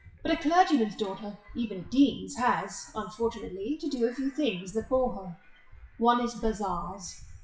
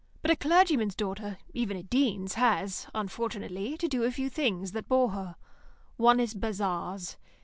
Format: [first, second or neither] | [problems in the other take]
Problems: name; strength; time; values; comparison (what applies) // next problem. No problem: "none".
second | noise reduction (classical method WPE with log-MMSE)